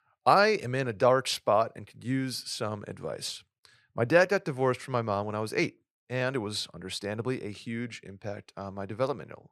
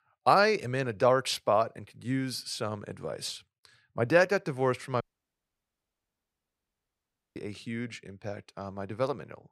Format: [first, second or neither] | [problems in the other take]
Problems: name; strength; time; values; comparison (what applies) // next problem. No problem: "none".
first | audio cutting out; at 5 s for 2.5 s